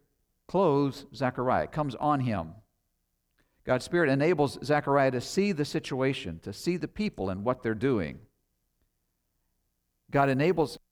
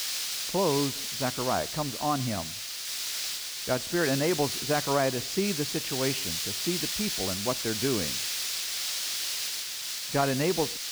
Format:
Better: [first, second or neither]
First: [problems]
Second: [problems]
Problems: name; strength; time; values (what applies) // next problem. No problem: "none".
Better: first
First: none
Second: hiss; loud; throughout; as loud as the speech